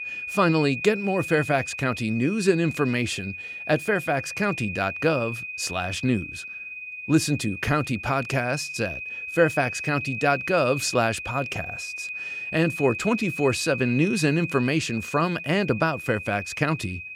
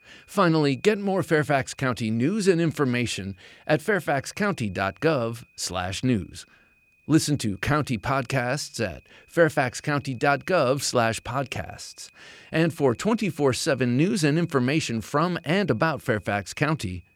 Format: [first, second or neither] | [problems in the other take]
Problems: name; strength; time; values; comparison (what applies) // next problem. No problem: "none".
second | high-pitched whine; loud; throughout; 2.5 kHz, 8 dB below the speech; faint in the second